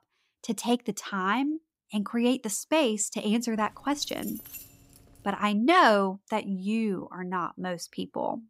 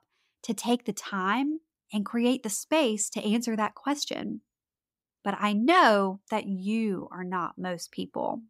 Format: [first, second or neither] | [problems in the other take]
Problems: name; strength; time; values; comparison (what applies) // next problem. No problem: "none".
second | jangling keys; faint; from 3.5 to 5.5 s; peak 10 dB below the speech